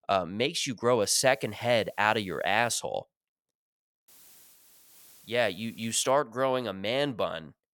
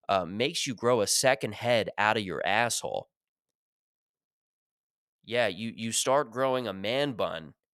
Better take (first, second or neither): second